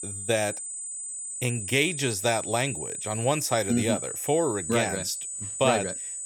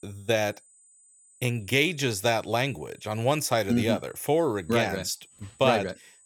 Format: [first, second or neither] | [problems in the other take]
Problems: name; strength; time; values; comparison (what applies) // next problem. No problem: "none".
second | high-pitched whine; loud; throughout; 8 kHz, 5 dB below the speech; faint in the second